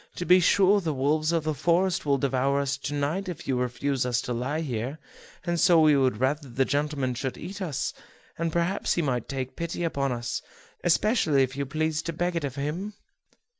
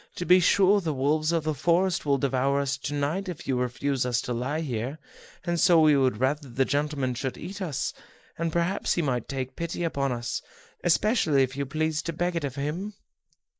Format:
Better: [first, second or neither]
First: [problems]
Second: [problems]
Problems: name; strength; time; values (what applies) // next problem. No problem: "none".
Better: first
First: none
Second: noise reduction (neural mask model Resemble Enhance denoiser)